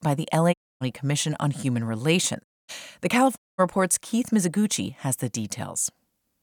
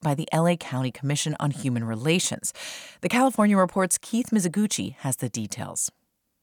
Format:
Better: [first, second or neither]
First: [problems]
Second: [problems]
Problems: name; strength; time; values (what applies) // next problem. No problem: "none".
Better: second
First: audio cutting out; at 0.5 s, at 2.5 s and at 3.5 s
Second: none